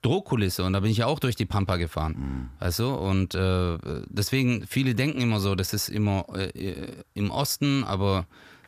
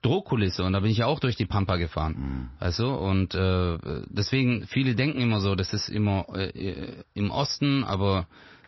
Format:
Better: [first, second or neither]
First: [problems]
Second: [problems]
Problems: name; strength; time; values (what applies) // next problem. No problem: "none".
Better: first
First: none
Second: garbled, watery; slightly; nothing above 5.5 kHz